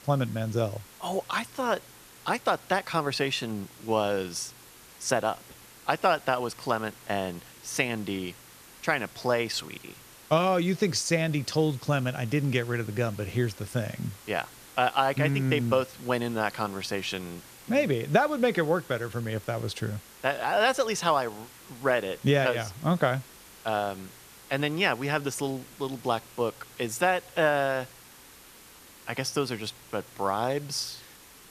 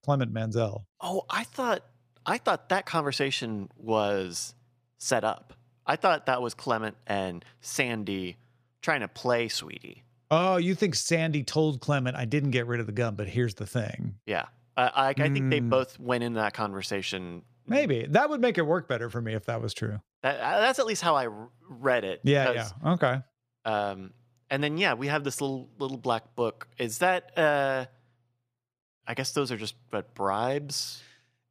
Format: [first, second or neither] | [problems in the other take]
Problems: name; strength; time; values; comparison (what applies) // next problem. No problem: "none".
second | hiss; noticeable; throughout; 20 dB below the speech